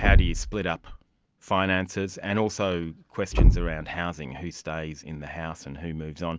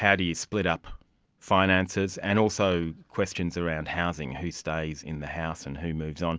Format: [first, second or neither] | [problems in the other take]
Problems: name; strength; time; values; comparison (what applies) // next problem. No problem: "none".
second | background sound (Thump, thud); 3 dB above the speech